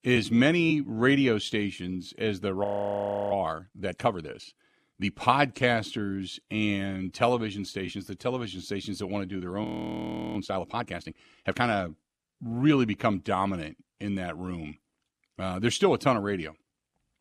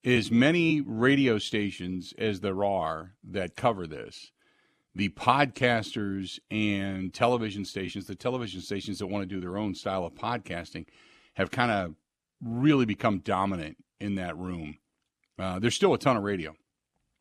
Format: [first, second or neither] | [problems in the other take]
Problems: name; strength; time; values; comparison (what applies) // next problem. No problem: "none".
second | audio freezing; at 2.5 s for 0.5 s and at 9.5 s for 0.5 s